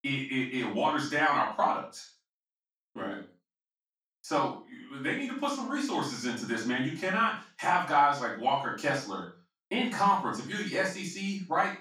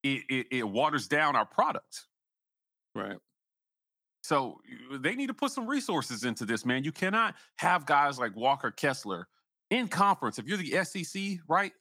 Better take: second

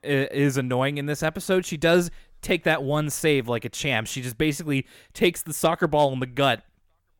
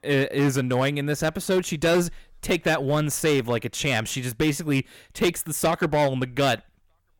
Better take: first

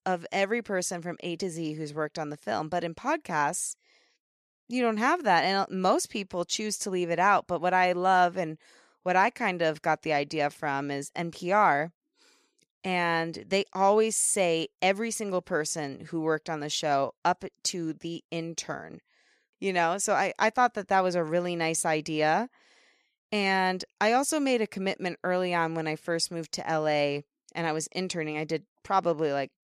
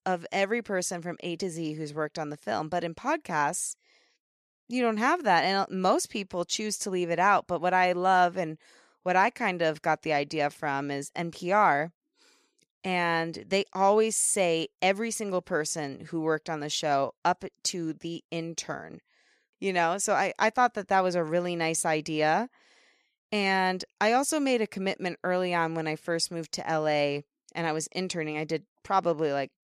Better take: neither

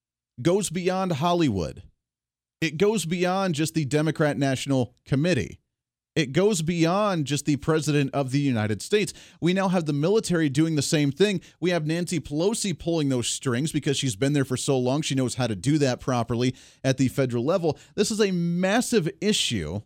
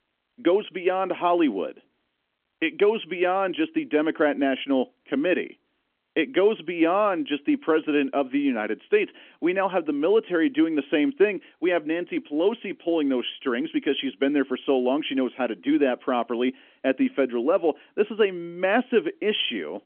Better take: first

